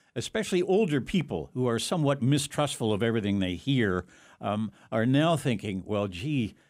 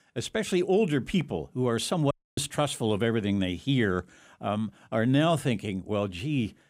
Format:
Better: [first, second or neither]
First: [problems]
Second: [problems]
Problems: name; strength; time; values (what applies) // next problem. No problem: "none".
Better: first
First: none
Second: audio cutting out; at 2 s